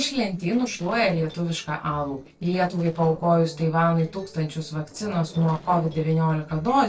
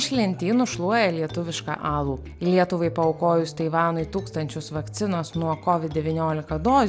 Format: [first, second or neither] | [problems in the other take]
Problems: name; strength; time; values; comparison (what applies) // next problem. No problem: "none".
second | noise reduction (neural separator model SepFormer DNS4)